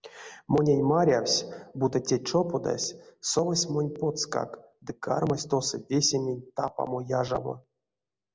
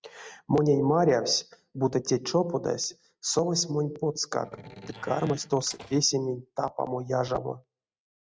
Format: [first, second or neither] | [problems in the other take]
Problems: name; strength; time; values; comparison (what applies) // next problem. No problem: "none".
first | noise reduction (neural mask model RNNoise)